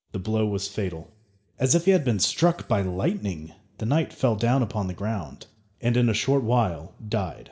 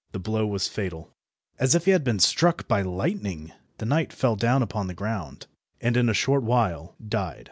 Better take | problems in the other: second | room echo; dies away in 0.5 s

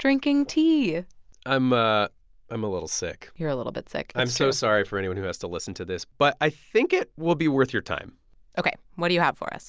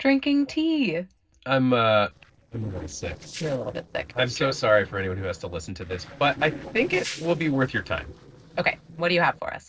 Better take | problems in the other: first | noise reduction (neural separator model SepFormer DNS4)

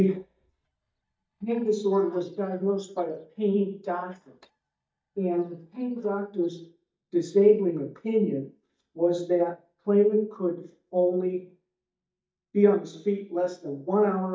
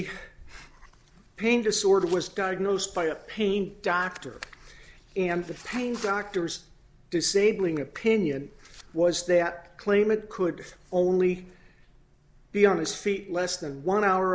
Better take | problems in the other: second | noise reduction (neural mask model DeepFilterNet 3)

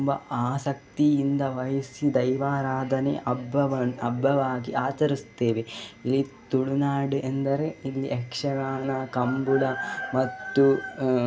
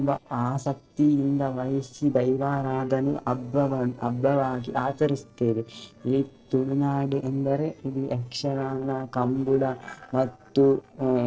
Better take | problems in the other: first | noise reduction (neural separator model SepFormer DNS4)

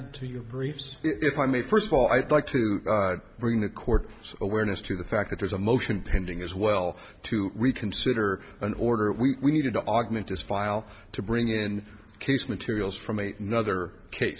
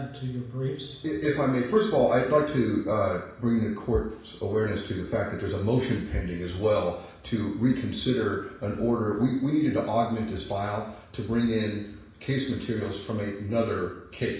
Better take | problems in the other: first | room echo; dies away in 0.7 s

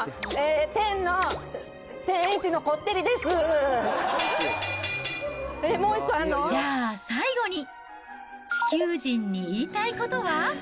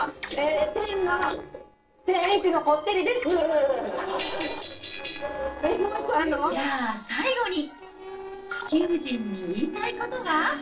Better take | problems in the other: first | noise reduction (neural separator model SepFormer DNS4)

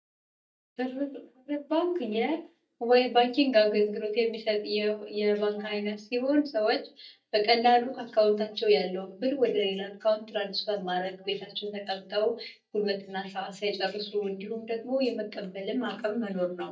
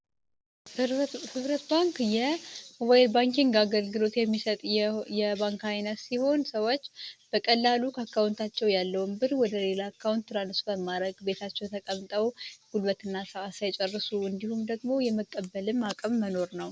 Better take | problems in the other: second | noise reduction (neural mask model DeepFilterNet 3)

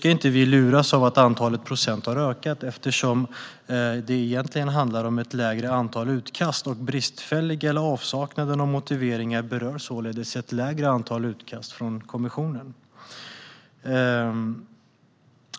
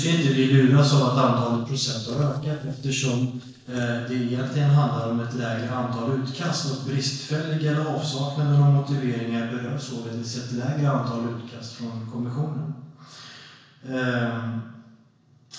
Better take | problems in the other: first | noise reduction (neural separator model SepFormer DNS4)

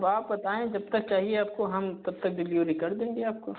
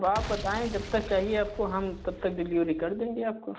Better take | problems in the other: first | background sound (Boom); 11 dB below the speech

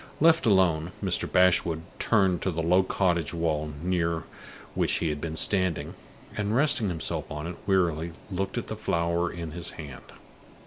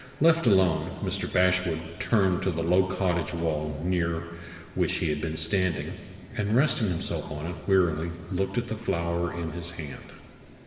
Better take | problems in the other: first | room echo; dies away in 2.1 s

